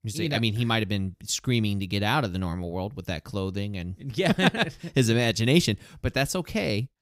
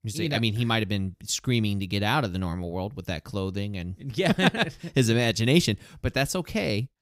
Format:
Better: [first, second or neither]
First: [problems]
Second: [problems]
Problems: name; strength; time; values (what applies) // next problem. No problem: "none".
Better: neither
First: none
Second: none